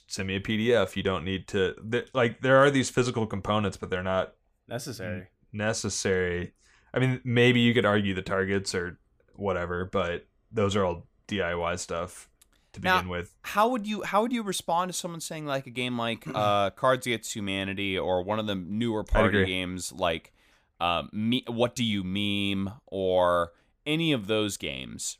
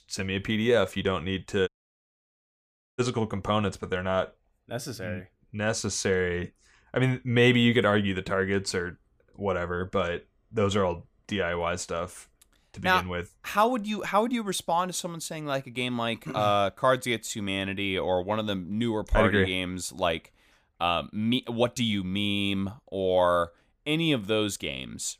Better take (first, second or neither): first